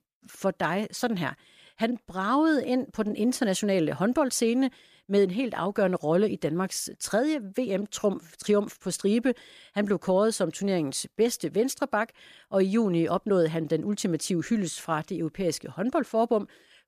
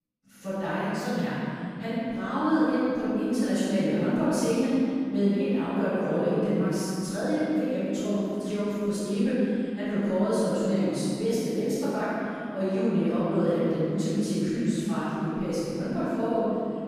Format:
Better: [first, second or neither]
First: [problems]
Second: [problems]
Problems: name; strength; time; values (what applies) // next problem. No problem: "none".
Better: first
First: none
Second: off-mic speech; far // room echo; strong; dies away in 3 s